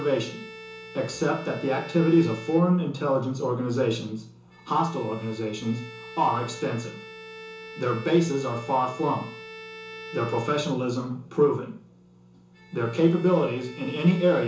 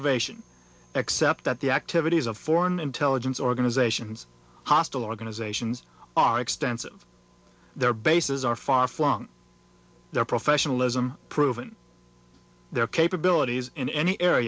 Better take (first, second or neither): second